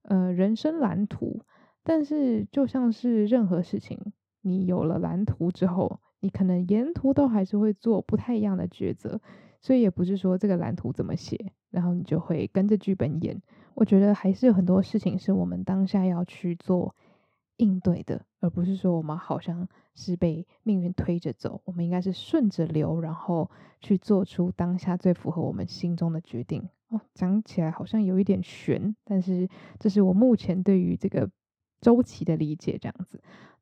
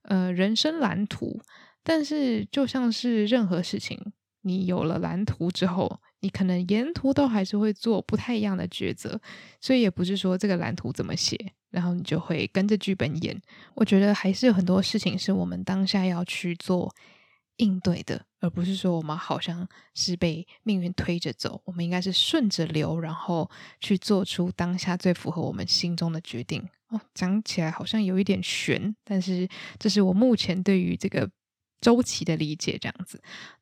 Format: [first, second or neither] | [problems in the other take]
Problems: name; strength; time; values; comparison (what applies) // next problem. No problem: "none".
second | muffled; very; fading above 1.5 kHz